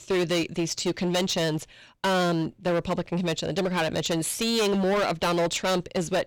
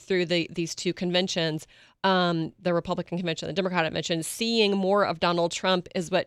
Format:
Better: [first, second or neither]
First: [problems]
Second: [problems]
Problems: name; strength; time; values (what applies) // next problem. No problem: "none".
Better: second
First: distortion; heavy; 19% of the sound clipped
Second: none